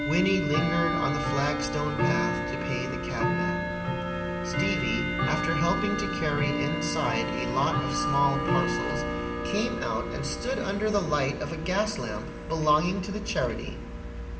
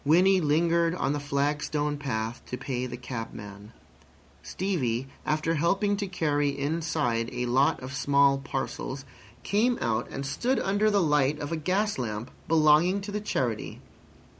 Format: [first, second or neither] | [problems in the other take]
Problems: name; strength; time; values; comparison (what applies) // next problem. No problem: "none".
second | background sound (Tick-tock / Bell); as loud as the speech // room echo; dies away in 0.9 s